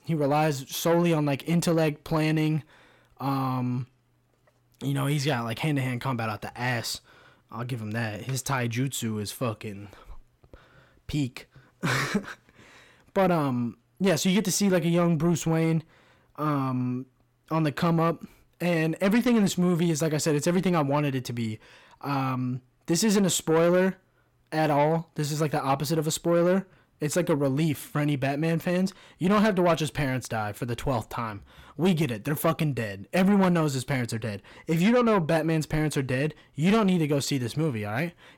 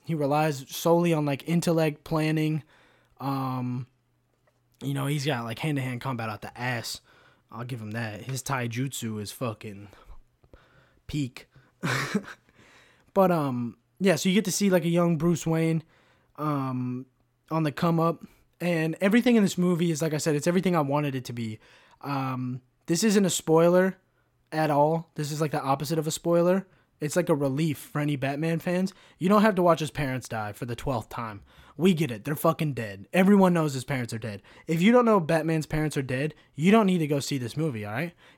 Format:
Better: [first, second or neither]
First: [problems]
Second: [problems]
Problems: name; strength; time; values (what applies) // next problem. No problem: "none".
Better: second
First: distortion; slight; 10 dB below the speech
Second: none